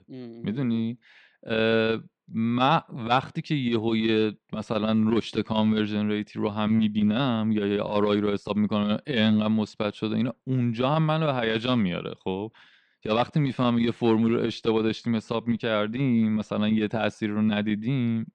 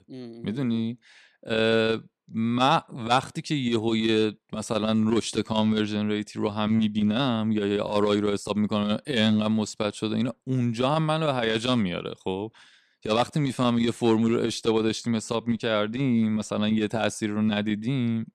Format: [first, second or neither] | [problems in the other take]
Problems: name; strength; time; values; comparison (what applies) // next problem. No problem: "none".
second | muffled; very slightly; fading above 3 kHz